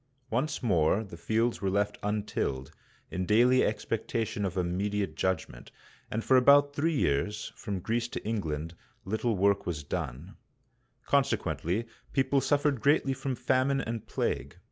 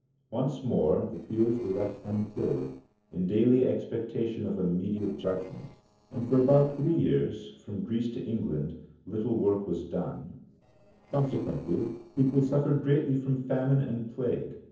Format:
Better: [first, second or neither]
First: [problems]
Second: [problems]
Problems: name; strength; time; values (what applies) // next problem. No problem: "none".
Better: first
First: none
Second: noise reduction (neural separator model SepFormer DNS4)